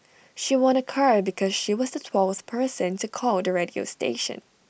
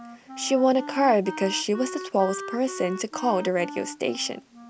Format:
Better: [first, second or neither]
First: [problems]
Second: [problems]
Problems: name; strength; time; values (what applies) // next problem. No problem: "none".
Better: first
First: none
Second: background sound (Wind instrument, woodwind instrument); 13 dB below the speech